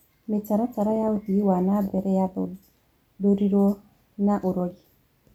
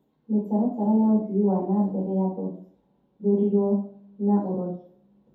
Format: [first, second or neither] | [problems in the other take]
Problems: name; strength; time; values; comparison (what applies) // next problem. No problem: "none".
first | room echo; dies away in 0.5 s